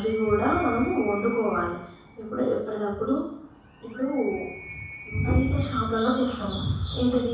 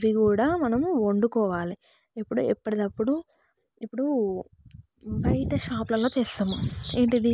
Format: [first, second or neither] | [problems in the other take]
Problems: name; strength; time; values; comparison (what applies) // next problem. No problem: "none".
second | background sound (Animal); 17 dB below the speech // room echo; dies away in 0.7 s